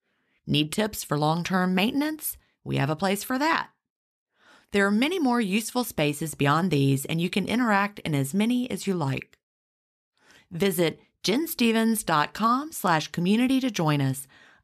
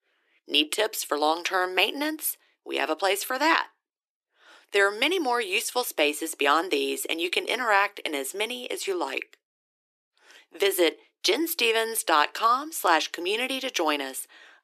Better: first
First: none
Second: thin; very; fading below 300 Hz

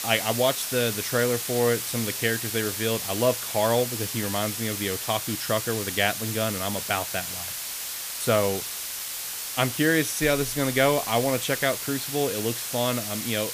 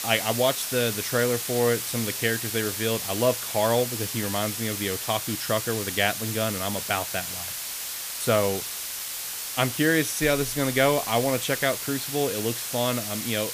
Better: neither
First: hiss; loud; throughout; 4 dB below the speech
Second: hiss; loud; throughout; 4 dB below the speech

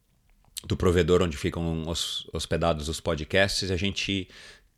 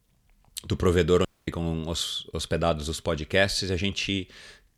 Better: first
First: none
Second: audio cutting out; at 1.5 s

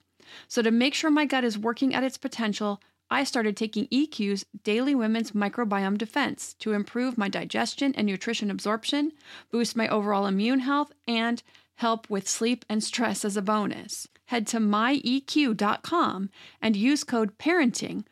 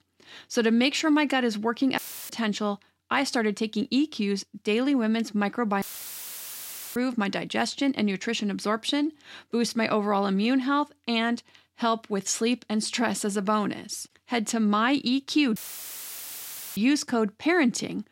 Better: first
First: none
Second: audio cutting out; filled with static; at 2 s, at 6 s for 1 s and at 16 s for 1 s

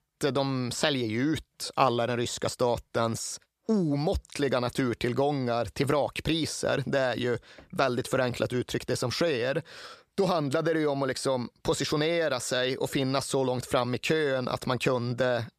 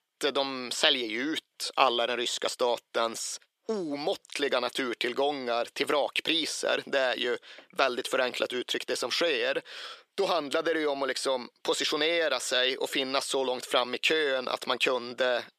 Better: first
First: none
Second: thin; somewhat; fading below 300 Hz

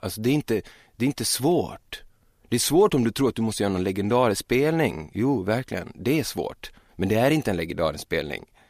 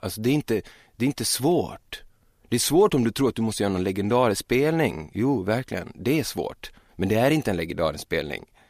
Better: neither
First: none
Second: none

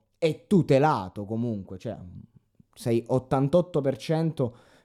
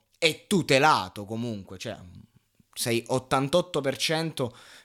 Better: second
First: muffled; slightly; fading above 1 kHz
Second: none

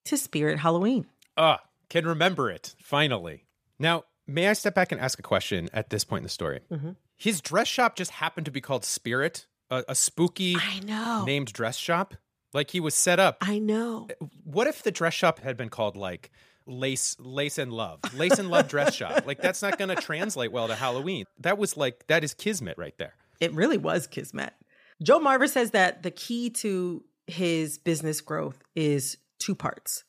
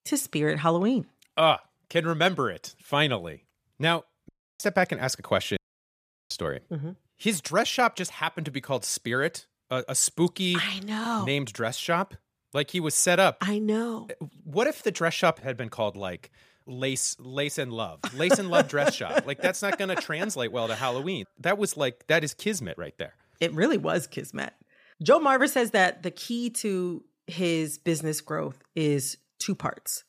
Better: first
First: none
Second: audio cutting out; at 4.5 s and at 5.5 s for 0.5 s

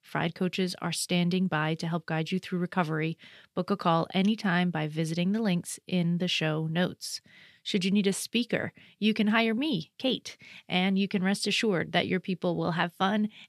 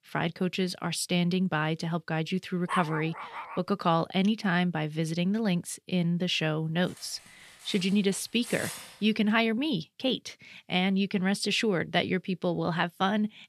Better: first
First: none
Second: dog barking; noticeable; at 2.5 s; peak 5 dB below the speech // clattering dishes; noticeable; from 7 to 9 s; peak 9 dB below the speech

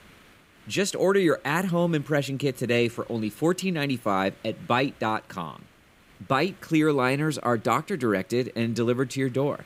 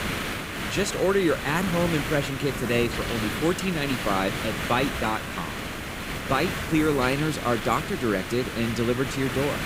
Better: first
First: hiss; faint; throughout; 30 dB below the speech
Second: hiss; loud; throughout; 4 dB below the speech

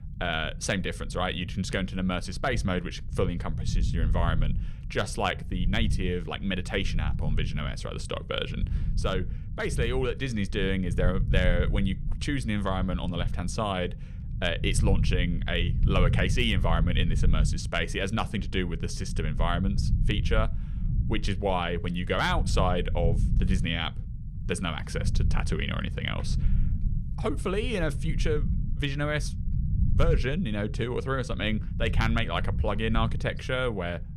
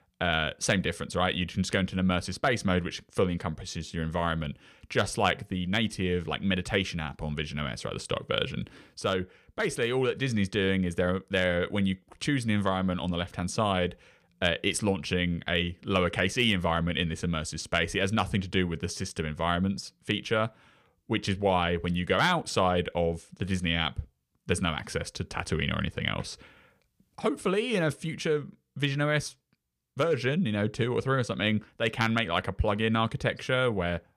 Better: second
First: low rumble; noticeable; throughout; 15 dB below the speech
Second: none

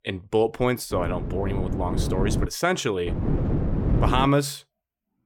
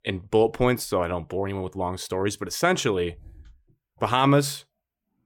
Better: second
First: wind noise on the microphone; heavy; from 1 to 2.5 s and from 3 to 4 s; 9 dB below the speech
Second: none

